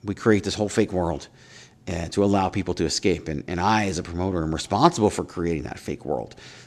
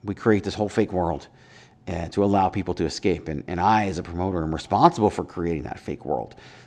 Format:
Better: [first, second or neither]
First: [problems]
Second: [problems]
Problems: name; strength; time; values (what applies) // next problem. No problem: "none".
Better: first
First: none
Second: muffled; slightly; fading above 1.5 kHz